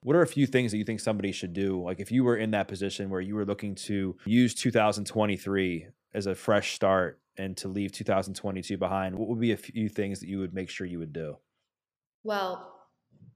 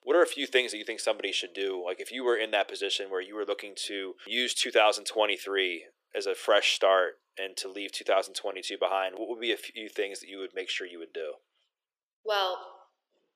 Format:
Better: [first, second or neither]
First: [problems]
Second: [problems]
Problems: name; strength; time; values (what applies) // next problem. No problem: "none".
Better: first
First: none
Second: thin; very; fading below 350 Hz